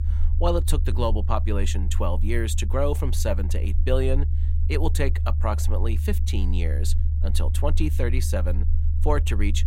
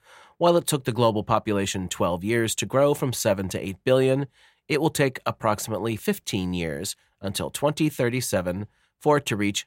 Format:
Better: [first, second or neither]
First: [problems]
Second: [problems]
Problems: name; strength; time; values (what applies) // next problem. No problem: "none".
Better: second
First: low rumble; noticeable; throughout; 15 dB below the speech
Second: none